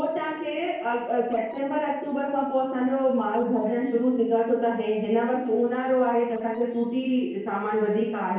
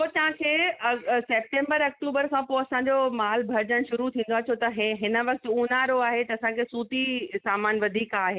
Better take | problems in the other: second | noise reduction (neural separator model SepFormer DNS4)

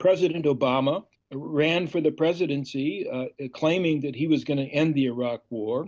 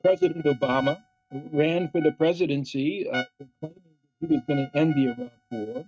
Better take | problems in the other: first | noise reduction (neural mask model RNNoise)

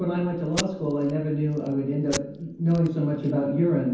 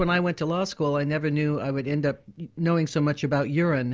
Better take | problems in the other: second | background sound (Packing tape, duct tape); 15 dB below the speech // room echo; dies away in 0.9 s

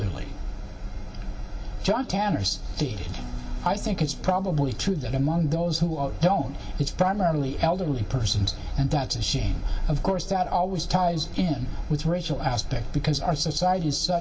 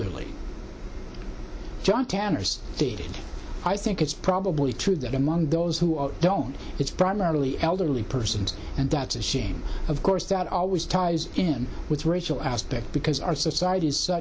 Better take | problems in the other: second | background sound (Acoustic guitar / Strum); 17 dB below the speech // room echo; dies away in 1.5 s

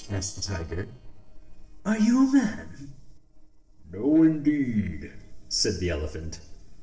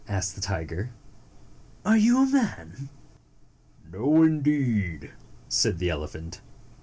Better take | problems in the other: second | noise reduction (neural separator model SepFormer DNS4)

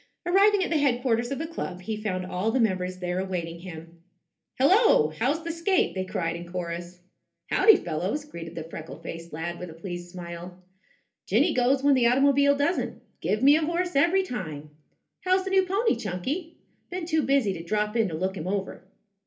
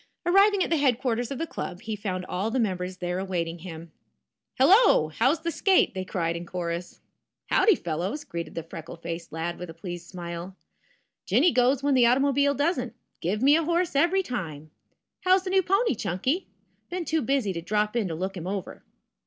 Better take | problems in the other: second | room echo; dies away in 0.3 s

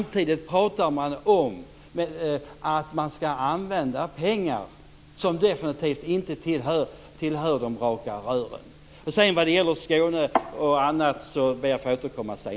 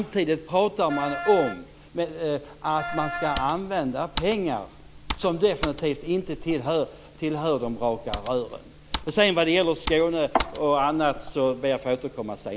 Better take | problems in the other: first | background sound (Wind instrument, woodwind instrument + Computer keyboard); 10 dB below the speech

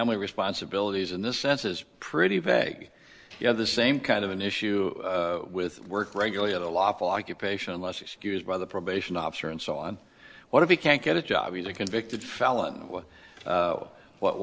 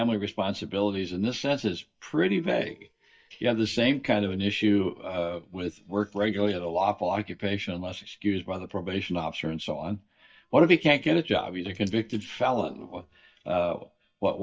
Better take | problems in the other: first | noise reduction (neural mask model DeepFilterNet 3)

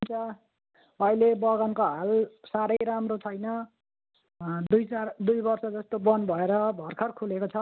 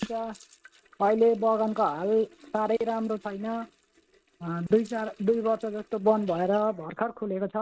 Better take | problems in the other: first | noise reduction (neural mask model RNNoise)

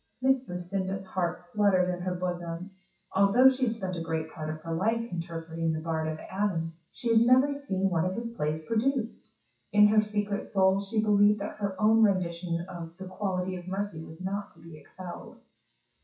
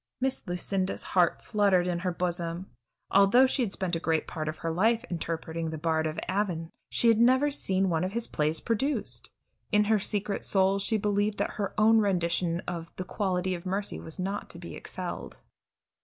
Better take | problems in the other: second | noise reduction (classical method WPE with log-MMSE)

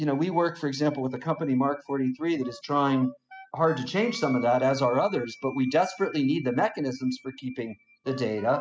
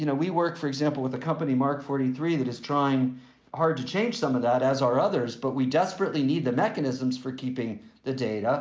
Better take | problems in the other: second | noise reduction (classical method spectral subtraction)

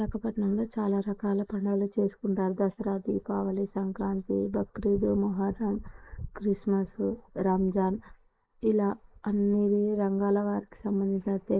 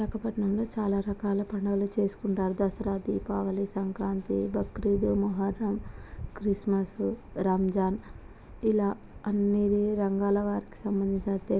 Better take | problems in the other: second | noise reduction (neural mask model Resemble Enhance denoiser)

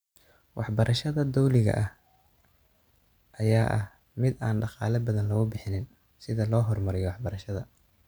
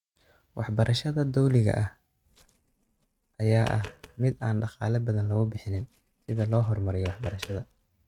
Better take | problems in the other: first | noise reduction (neural mask model RNNoise)

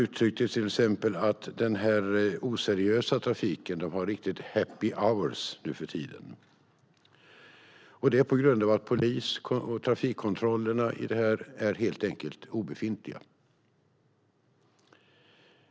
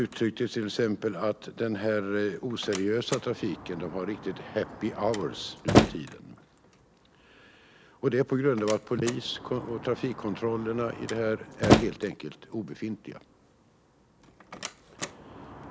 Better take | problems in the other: first | background sound (Slam); 2 dB below the speech

